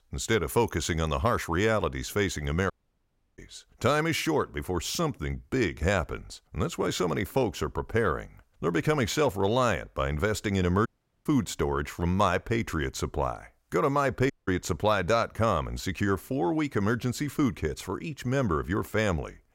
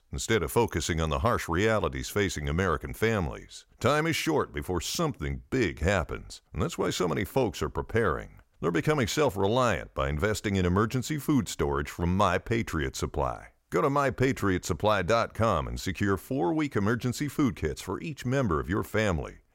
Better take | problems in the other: second | audio cutting out; at 2.5 s for 0.5 s, at 11 s and at 14 s

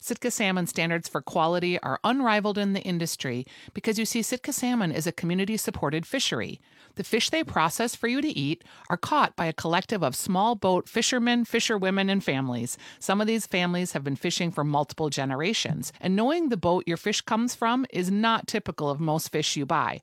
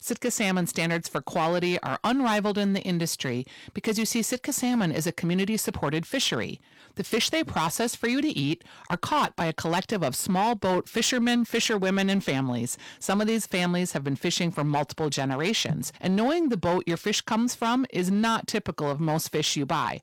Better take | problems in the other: first | distortion; slight; 7% of the sound clipped

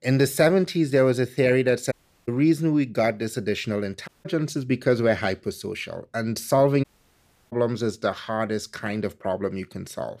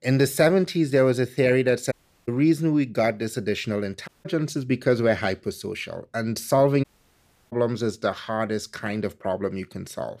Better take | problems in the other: neither | audio cutting out; at 2 s, at 4 s and at 7 s for 0.5 s; the same in both

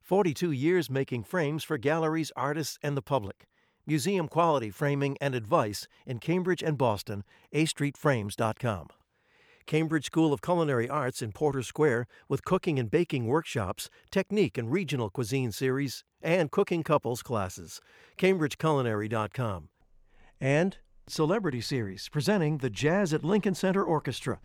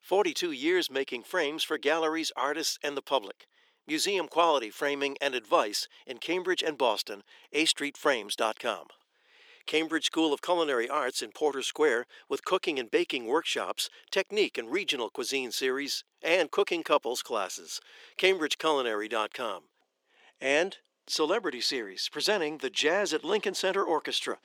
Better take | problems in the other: first | thin; somewhat; fading below 300 Hz

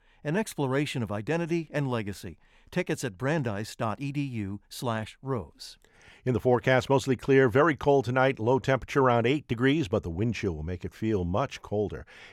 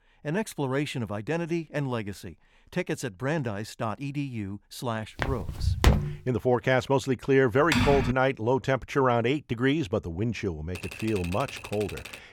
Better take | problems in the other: first | footsteps; loud; at 5 s; peak 5 dB above the speech // keyboard typing; loud; at 7.5 s; peak 3 dB above the speech // keyboard typing; faint; from 11 s on; peak 10 dB below the speech

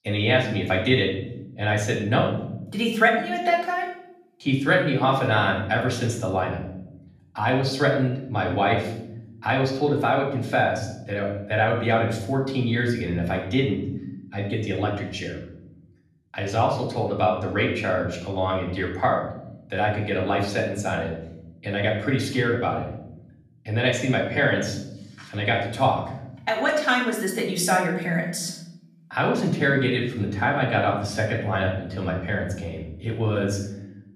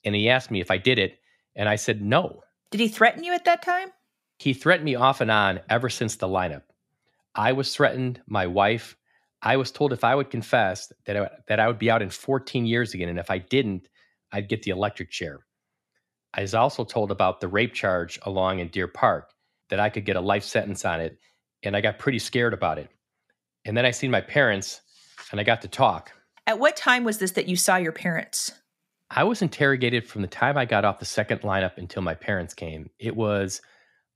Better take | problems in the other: second | off-mic speech; far // room echo; noticeable; dies away in 1 s

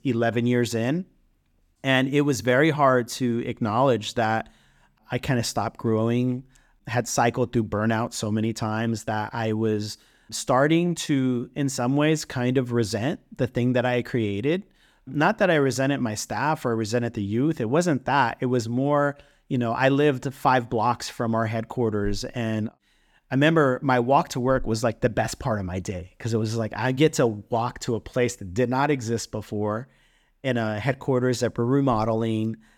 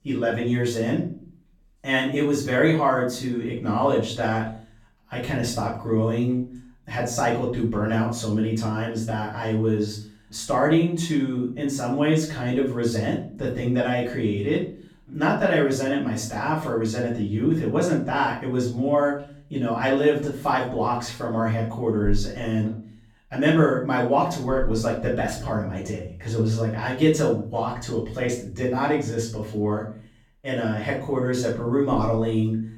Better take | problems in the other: first | off-mic speech; far // room echo; slight; dies away in 0.4 s

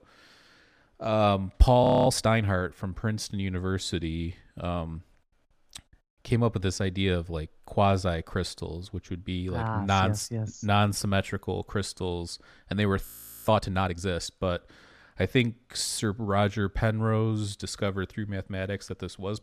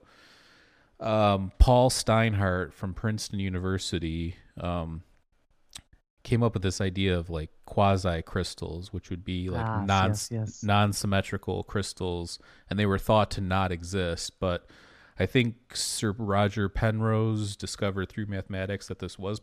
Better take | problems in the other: second | audio freezing; at 2 s and at 13 s

